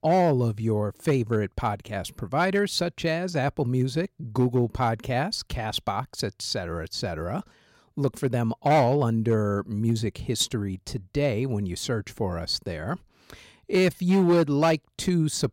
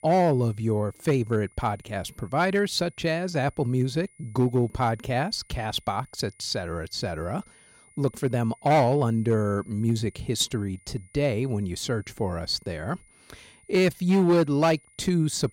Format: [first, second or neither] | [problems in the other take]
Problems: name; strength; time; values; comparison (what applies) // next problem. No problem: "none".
first | high-pitched whine; faint; throughout; 9.5 kHz, 30 dB below the speech